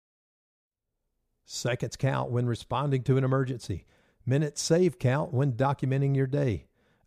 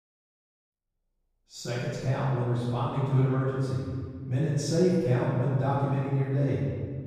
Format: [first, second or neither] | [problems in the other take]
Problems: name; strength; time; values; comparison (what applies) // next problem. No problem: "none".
first | off-mic speech; far // room echo; strong; dies away in 1.7 s